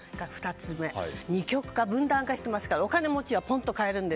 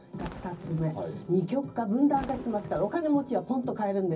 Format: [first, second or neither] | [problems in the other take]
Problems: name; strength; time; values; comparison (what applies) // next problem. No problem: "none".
first | background sound (Fireworks); 17 dB below the speech // room echo; dies away in 0.4 s